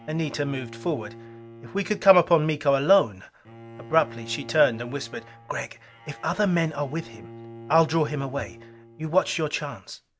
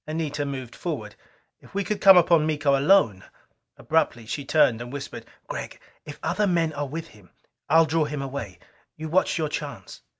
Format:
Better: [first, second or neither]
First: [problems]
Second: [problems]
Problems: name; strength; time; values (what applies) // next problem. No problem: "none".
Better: second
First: background sound (Bowed string instrument); 18 dB below the speech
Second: none